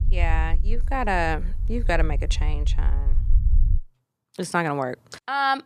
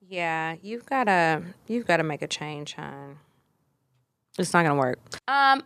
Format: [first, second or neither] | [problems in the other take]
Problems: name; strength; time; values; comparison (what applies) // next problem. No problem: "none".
second | low rumble; faint; until 4 s; 20 dB below the speech